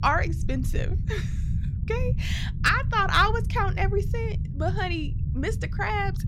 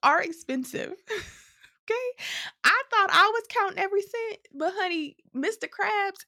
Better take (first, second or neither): second